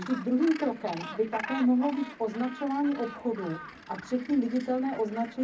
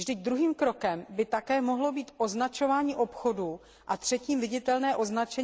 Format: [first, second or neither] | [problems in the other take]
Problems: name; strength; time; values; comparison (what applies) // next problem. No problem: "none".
second | background sound (Gull, seagull); 14 dB below the speech // room echo; dies away in 0.4 s